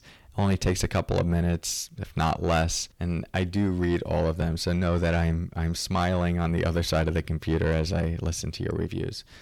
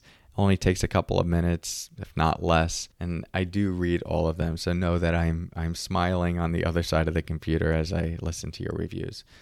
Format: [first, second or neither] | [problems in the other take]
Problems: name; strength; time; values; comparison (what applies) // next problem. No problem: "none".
second | distortion; slight; 10 dB below the speech